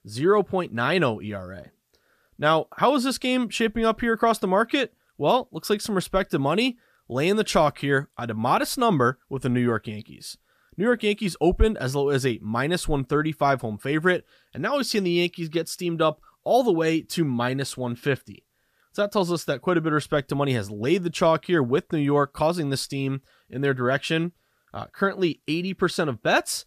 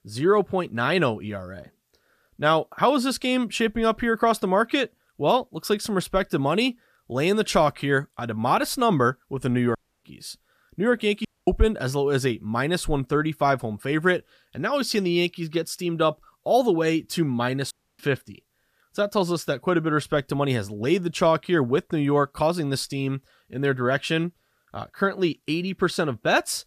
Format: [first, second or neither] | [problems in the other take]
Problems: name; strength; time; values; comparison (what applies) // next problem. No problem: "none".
first | audio cutting out; at 10 s, at 11 s and at 18 s